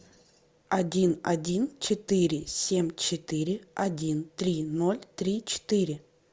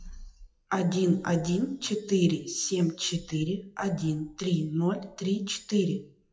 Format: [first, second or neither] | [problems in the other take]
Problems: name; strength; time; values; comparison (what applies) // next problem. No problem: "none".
first | noise reduction (classical method WPE with log-MMSE)